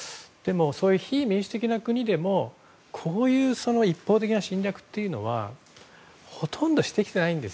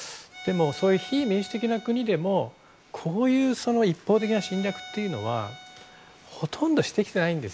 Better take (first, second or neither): first